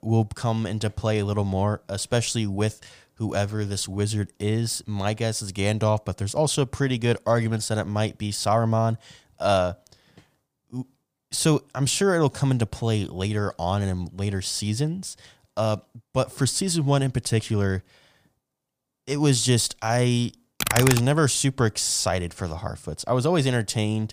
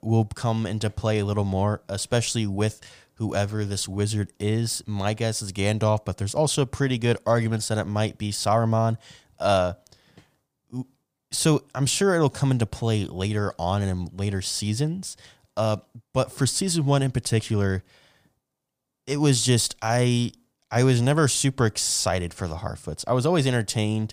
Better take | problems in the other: second | keyboard typing; loud; at 21 s; peak 2 dB above the speech

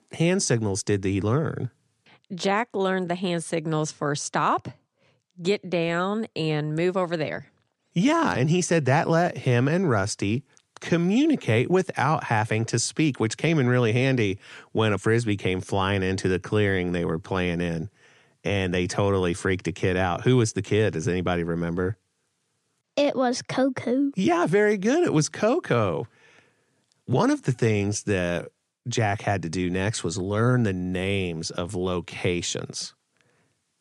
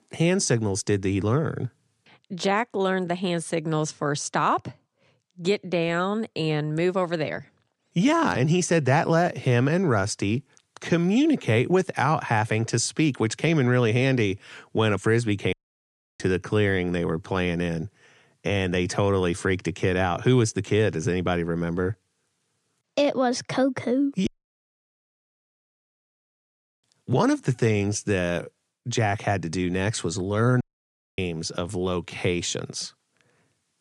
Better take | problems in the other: first | audio cutting out; at 16 s for 0.5 s, at 24 s for 2.5 s and at 31 s for 0.5 s

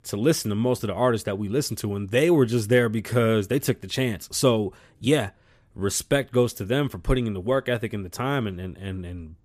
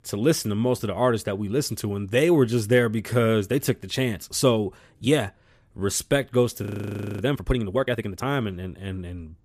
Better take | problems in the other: first | audio freezing; at 6.5 s for 0.5 s

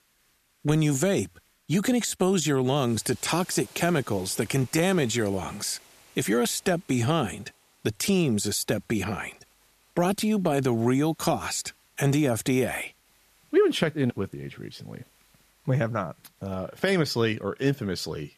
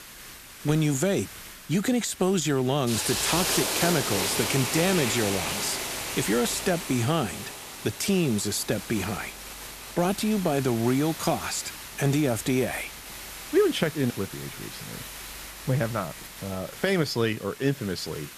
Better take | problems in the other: first | hiss; loud; throughout; 6 dB below the speech; faint in the first

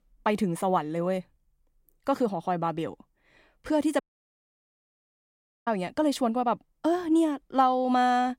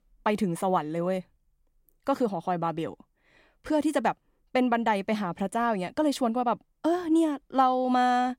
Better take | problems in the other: second | audio cutting out; at 4 s for 1.5 s

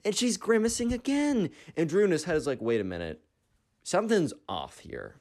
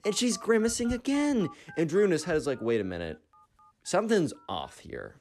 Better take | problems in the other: first | alarms or sirens; faint; throughout; 25 dB below the speech

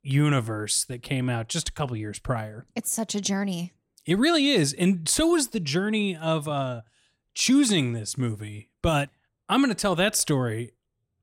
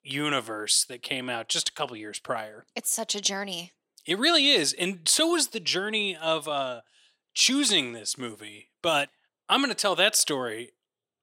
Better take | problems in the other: first | thin; somewhat; fading below 400 Hz

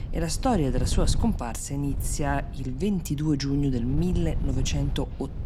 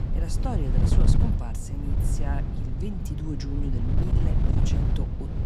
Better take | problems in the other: first | wind noise on the microphone; heavy; 1 dB above the speech; occasional gusts in the first

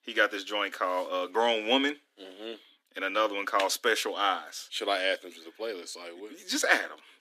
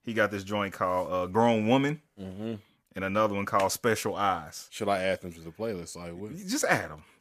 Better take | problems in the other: second | thin; very slightly; fading below 250 Hz

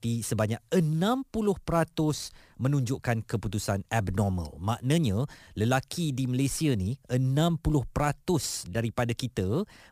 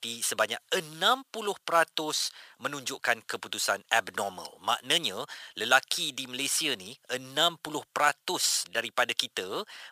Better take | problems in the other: first | thin; very; fading below 750 Hz

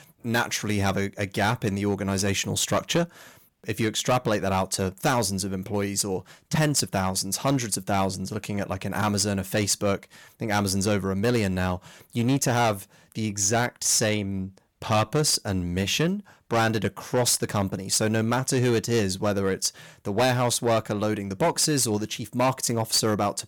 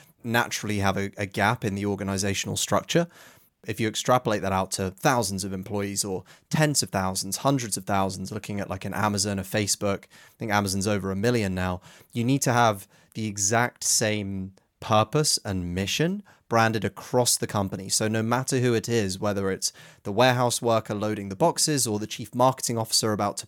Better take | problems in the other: second | distortion; slight; 6% of the sound clipped

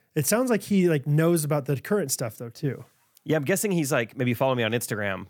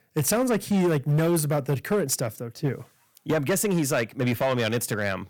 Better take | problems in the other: first | distortion; slight; 11% of the sound clipped

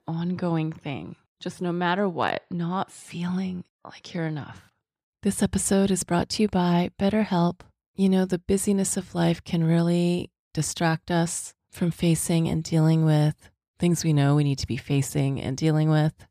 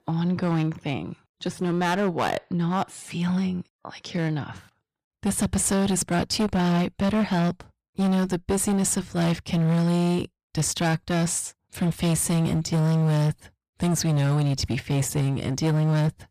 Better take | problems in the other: first | distortion; heavy; 19% of the sound clipped

